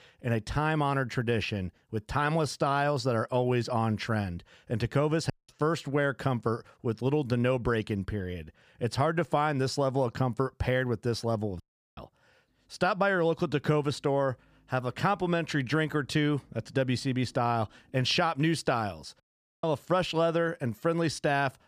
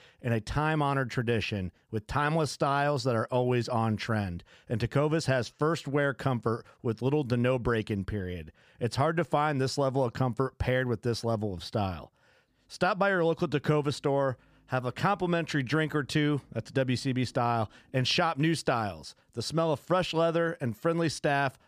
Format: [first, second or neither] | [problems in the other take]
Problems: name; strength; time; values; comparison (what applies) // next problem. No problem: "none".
second | audio cutting out; at 5.5 s, at 12 s and at 19 s